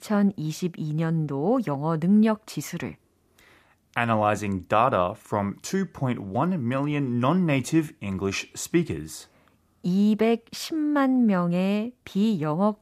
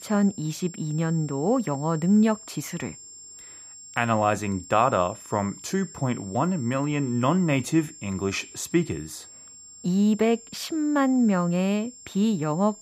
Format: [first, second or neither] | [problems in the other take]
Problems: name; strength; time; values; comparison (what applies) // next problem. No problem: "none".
first | high-pitched whine; noticeable; throughout; 7.5 kHz, 15 dB below the speech